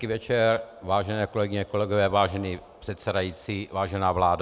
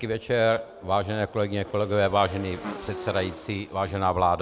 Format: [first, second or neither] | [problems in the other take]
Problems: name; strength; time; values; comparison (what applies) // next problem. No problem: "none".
first | background sound (Motorcycle / Engine); 16 dB below the speech